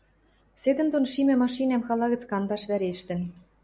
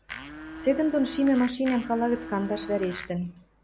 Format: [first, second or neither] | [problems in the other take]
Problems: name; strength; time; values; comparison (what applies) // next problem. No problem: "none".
first | background sound (Domestic sounds, home sounds); 12 dB below the speech